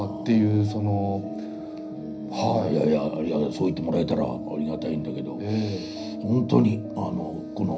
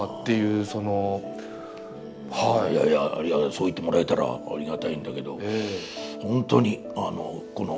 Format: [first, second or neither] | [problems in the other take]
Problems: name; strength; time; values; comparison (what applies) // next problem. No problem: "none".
second | background sound (Brass instrument); 11 dB below the speech // room echo; dies away in 0.5 s